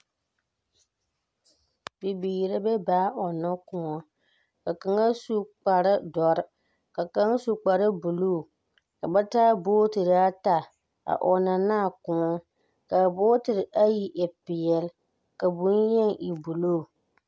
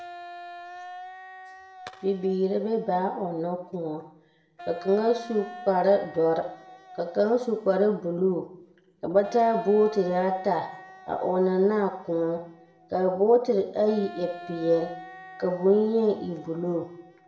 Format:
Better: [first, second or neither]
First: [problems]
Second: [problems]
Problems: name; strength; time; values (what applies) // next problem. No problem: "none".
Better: first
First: none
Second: background sound (Wind instrument, woodwind instrument); 18 dB below the speech // room echo; dies away in 0.7 s